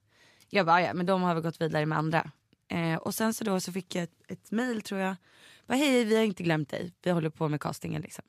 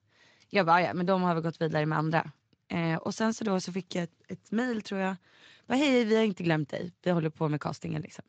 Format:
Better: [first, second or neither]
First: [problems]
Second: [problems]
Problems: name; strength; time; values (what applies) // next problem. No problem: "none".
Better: first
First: none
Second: garbled, watery; slightly; nothing above 7.5 kHz